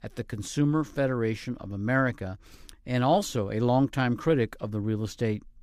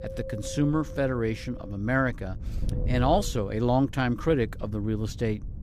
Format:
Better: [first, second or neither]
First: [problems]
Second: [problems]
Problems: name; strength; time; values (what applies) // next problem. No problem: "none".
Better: first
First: none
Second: wind noise on the microphone; occasional gusts; 15 dB below the speech